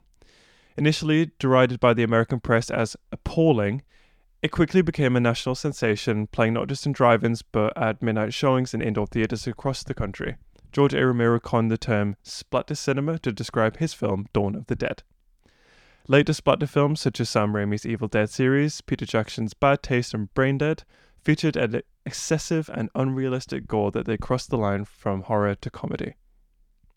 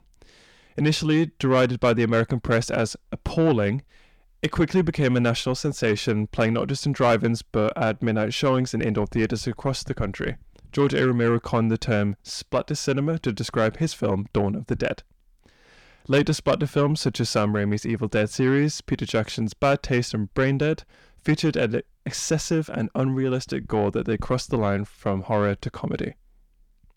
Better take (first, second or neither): first